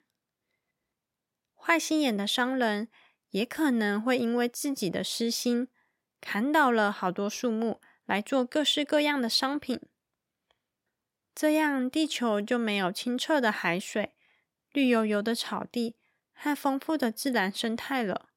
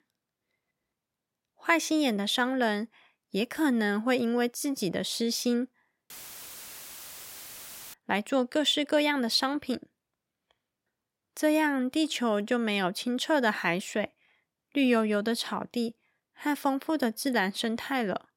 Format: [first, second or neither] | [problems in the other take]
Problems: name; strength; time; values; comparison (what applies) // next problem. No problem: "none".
first | audio cutting out; filled with static; at 6 s for 2 s